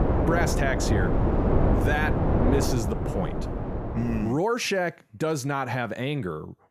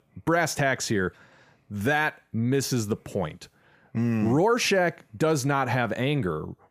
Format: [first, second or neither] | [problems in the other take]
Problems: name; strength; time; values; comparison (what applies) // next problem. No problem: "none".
second | wind noise on the microphone; heavy; until 4 s; 1 dB below the speech